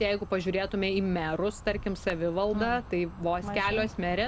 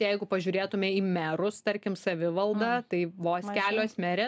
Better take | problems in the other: second | background sound (Insect); 13 dB below the speech

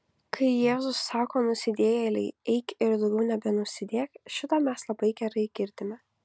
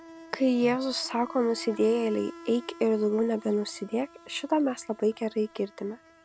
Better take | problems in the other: first | background sound (Insect); 20 dB below the speech

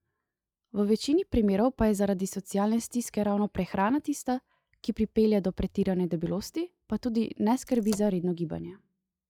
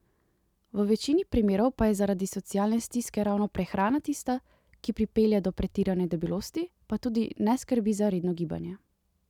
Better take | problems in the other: second | noise reduction (classical method log-MMSE)

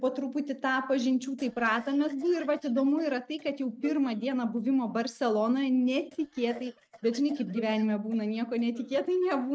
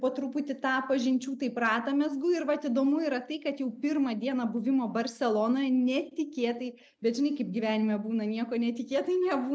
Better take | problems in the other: second | noise reduction (neural mask model RNNoise)

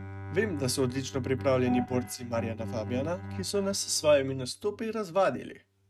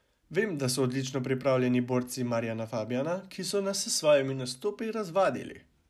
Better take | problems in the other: second | noise reduction (neural mask model RNNoise)

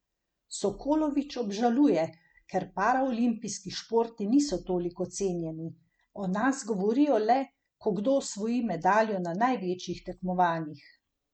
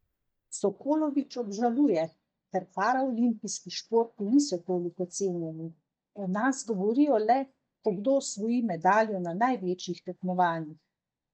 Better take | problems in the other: first | noise reduction (neural mask model DeepFilterNet 3)

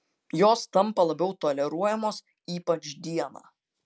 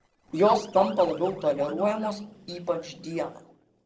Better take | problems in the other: first | noise reduction (neural separator model SepFormer DNS4)

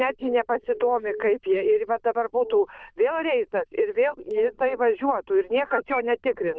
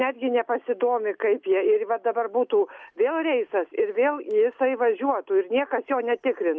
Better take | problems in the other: second | noise reduction (neural diffusion model UNIVERSE++)

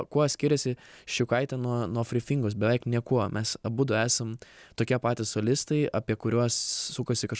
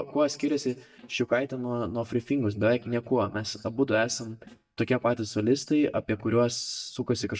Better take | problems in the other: first | noise reduction (neural mask model DeepFilterNet 3)

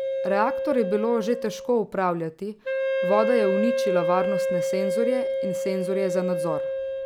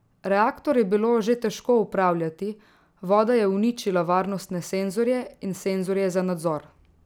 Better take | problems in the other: second | background sound (Wind instrument, woodwind instrument); as loud as the speech

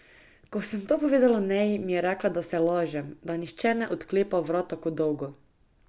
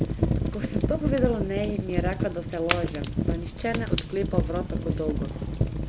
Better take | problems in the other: first | background sound (Fire); 3 dB above the speech

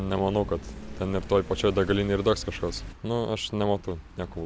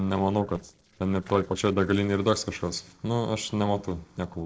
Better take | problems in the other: first | noise reduction (neural separator model SepFormer DNS4)

